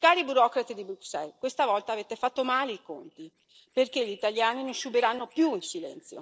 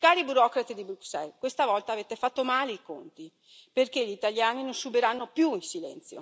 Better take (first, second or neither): second